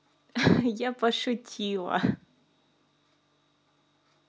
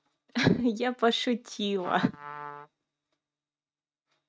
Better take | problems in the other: first | noise reduction (neural mask model RNNoise)

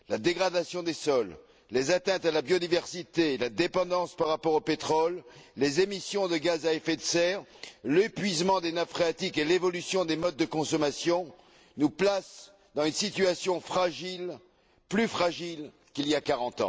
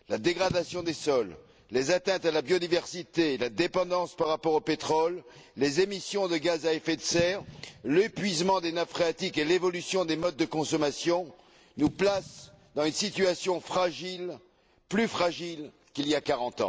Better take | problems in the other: first | background sound (Fireworks / Boom); 19 dB below the speech

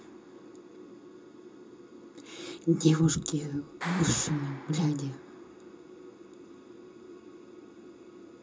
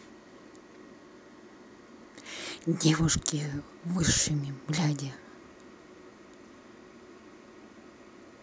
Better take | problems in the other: second | background sound (Clapping); 16 dB below the speech // room echo; dies away in 0.2 s

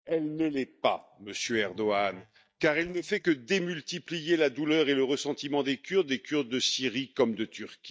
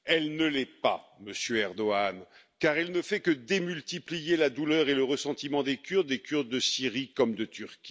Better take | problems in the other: second | noise reduction (neural mask model DeepFilterNet 3)

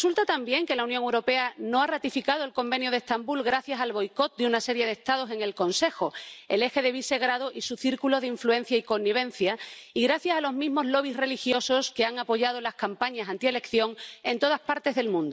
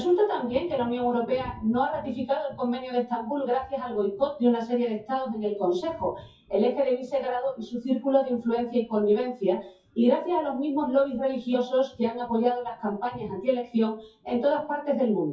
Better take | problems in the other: first | noise reduction (classical method WPE with log-MMSE)

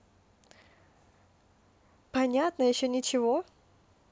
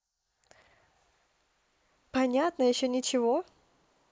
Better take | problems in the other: first | noise reduction (neural mask model Resemble Enhance denoiser)

